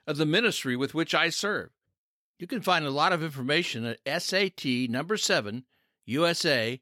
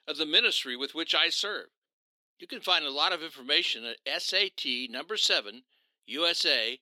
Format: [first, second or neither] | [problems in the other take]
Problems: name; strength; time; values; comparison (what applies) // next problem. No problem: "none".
first | thin; somewhat; fading below 300 Hz